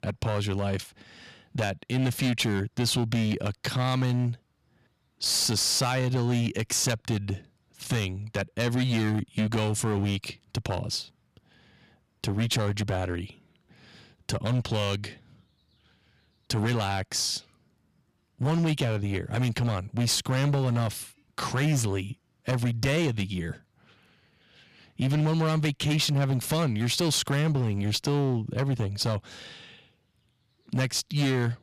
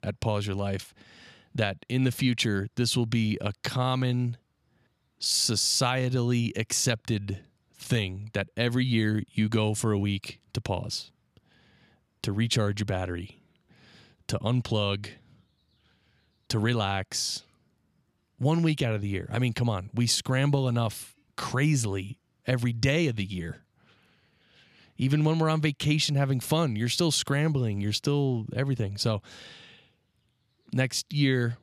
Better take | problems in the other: second | distortion; slight; 12% of the sound clipped

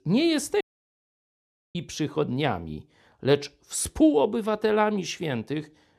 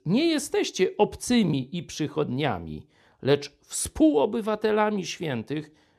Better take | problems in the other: second | audio cutting out; at 0.5 s for 1 s

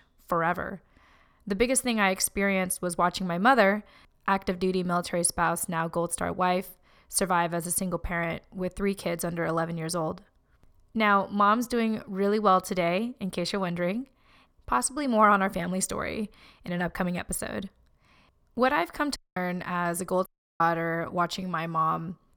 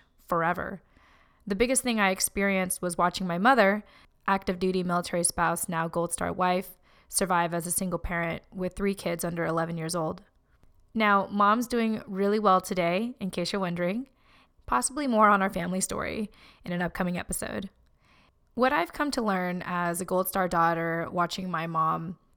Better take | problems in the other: second | audio cutting out; at 19 s and at 20 s

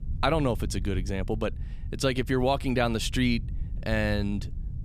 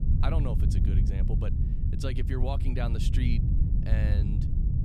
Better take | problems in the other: first | low rumble; loud; throughout; 3 dB below the speech; faint in the first

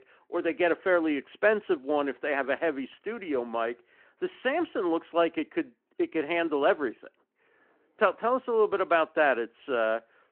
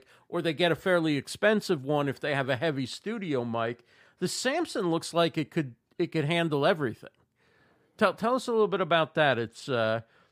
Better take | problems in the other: second | phone-call audio

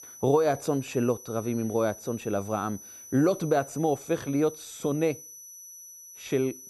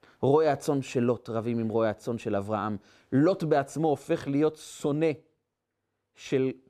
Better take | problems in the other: second | high-pitched whine; noticeable; throughout; 6 kHz, 15 dB below the speech

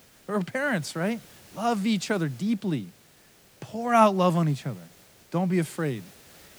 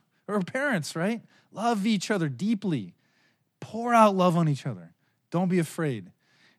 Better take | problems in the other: second | hiss; faint; throughout; 25 dB below the speech

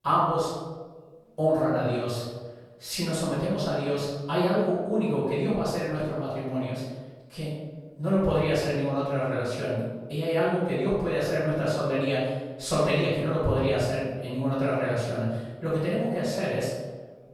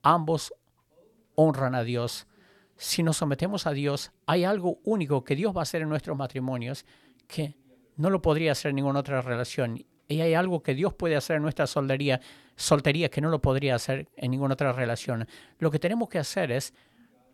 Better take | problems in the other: second | off-mic speech; far // room echo; strong; dies away in 1.1 s

